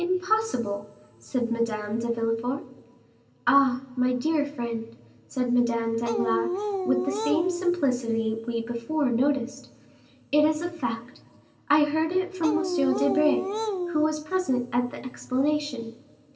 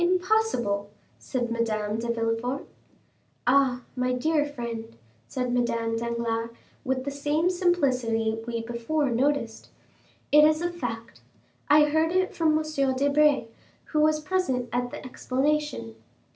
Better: second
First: background sound (Dog); 2 dB below the speech // room echo; dies away in 1.3 s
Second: none

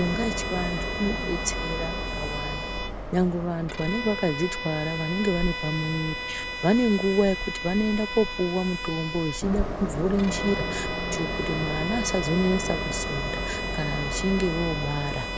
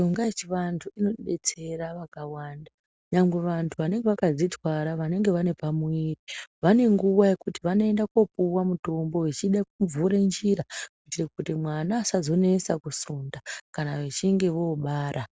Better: second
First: background sound (Train + Bowed string instrument); 3 dB below the speech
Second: none

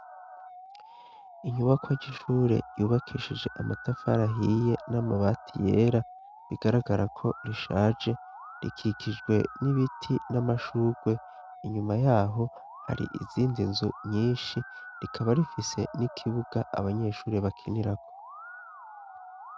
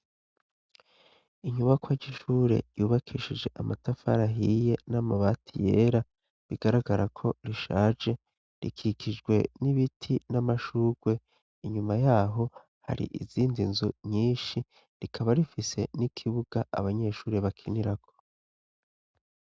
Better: second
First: background sound (Musical instrument); 17 dB below the speech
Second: none

